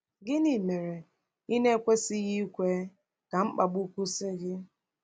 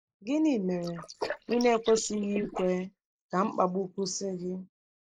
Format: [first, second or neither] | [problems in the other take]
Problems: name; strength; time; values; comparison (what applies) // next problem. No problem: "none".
first | noise reduction (neural mask model Resemble Enhance denoiser)